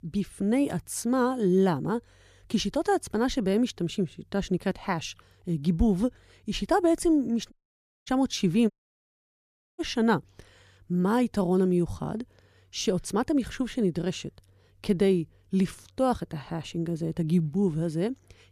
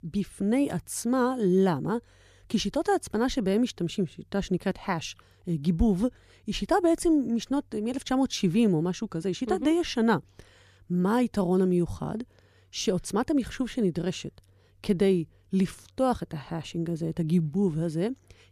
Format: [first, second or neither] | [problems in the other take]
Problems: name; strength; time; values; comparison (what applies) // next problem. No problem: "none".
second | audio cutting out; at 7.5 s for 0.5 s and at 8.5 s for 1 s